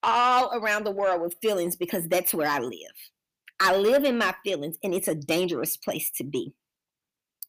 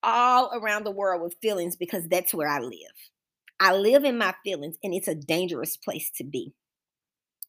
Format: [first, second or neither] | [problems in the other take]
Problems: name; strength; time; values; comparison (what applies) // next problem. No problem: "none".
second | distortion; slight; 10 dB below the speech